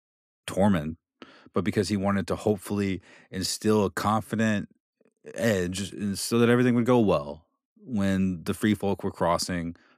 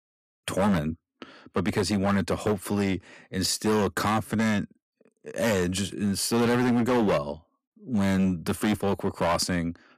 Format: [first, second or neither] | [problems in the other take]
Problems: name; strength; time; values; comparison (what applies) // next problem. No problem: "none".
first | distortion; heavy; 10% of the sound clipped